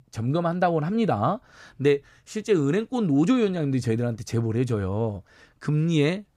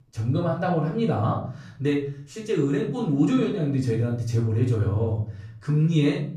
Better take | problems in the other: first | off-mic speech; far // room echo; noticeable; dies away in 0.5 s

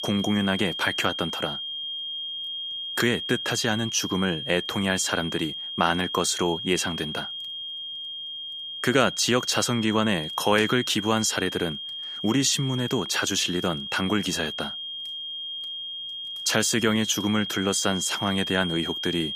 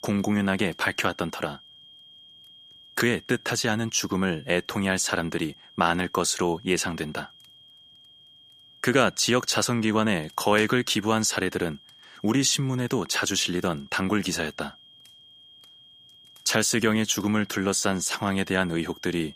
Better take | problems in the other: second | high-pitched whine; loud; throughout; 3 kHz, 6 dB below the speech; faint in the second

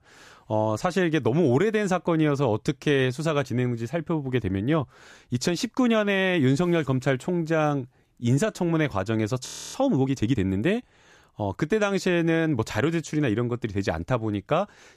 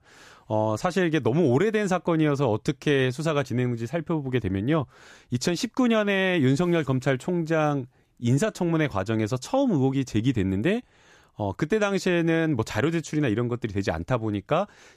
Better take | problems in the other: second | audio freezing; at 9.5 s

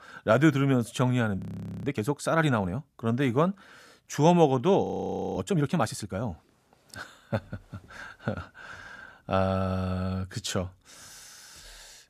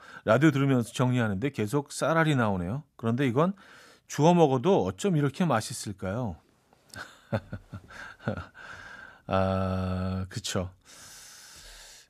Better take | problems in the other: second | audio freezing; at 1.5 s and at 5 s for 0.5 s

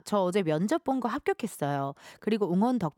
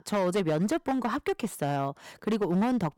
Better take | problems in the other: first | distortion; slight; 13% of the sound clipped

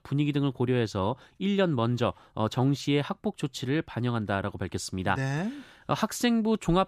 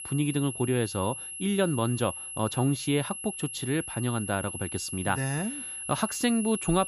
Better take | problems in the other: first | high-pitched whine; loud; throughout; 11 kHz, 6 dB below the speech

